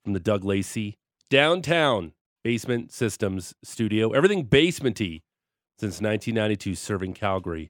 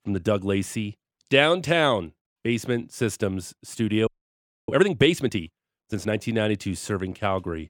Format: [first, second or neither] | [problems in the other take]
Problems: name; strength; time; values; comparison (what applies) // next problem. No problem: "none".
first | audio freezing; at 4 s for 0.5 s